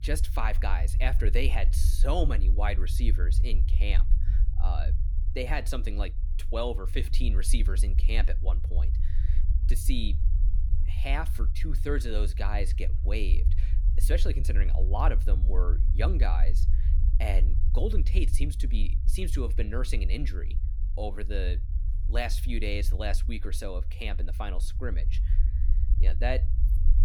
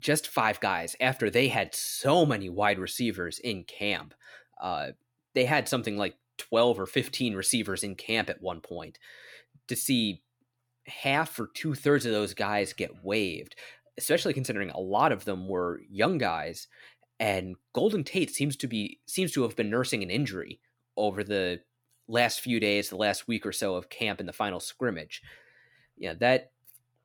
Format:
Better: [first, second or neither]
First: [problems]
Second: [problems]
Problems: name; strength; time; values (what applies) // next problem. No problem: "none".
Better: second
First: low rumble; noticeable; throughout; 15 dB below the speech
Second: none